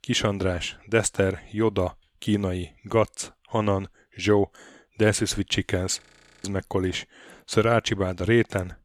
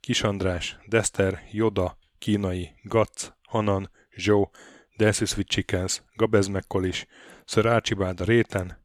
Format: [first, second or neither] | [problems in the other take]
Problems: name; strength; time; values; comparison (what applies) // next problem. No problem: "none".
second | audio freezing; at 6 s